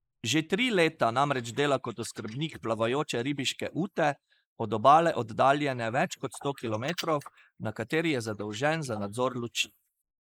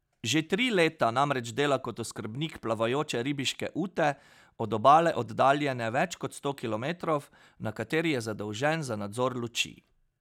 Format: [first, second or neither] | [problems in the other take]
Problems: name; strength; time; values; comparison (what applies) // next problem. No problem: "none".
second | noise reduction (neural mask model Resemble Enhance denoiser)